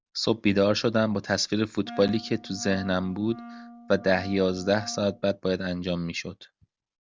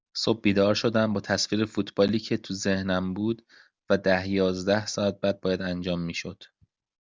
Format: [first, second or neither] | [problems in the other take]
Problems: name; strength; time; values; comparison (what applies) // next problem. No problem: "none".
second | background sound (Wind instrument, woodwind instrument); 16 dB below the speech